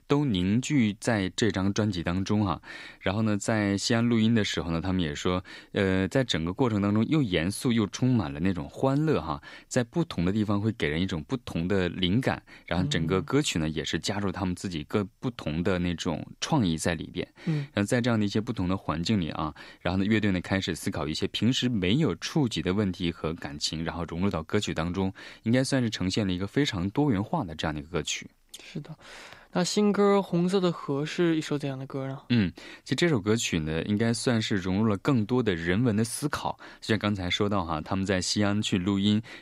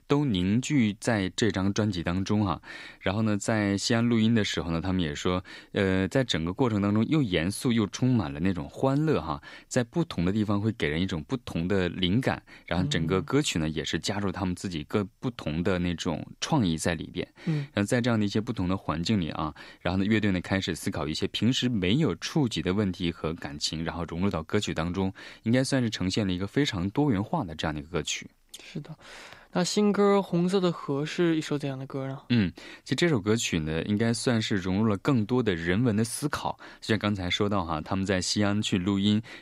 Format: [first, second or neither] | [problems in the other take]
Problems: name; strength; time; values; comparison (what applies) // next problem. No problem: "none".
neither | none